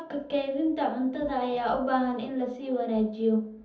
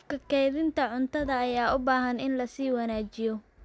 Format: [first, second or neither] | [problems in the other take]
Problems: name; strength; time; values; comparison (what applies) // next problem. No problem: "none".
second | room echo; dies away in 0.7 s